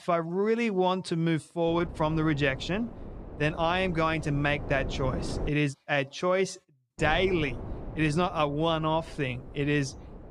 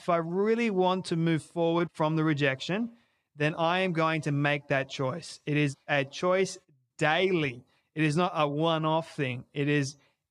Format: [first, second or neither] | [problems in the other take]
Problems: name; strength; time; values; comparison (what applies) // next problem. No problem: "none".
second | wind noise on the microphone; occasional gusts; from 1.5 to 5.5 s and from 7 s on; 15 dB below the speech